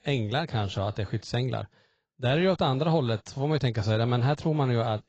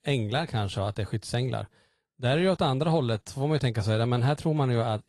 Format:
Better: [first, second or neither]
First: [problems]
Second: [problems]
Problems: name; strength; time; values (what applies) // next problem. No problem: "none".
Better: second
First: garbled, watery; badly; nothing above 7.5 kHz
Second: garbled, watery; slightly